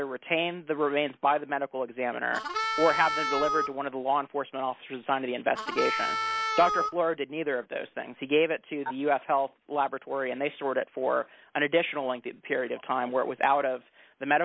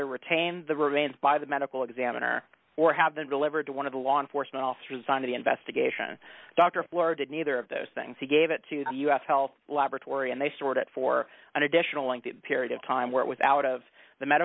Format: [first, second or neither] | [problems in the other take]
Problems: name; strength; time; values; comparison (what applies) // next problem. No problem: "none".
second | background sound (Harmonica); 1 dB below the speech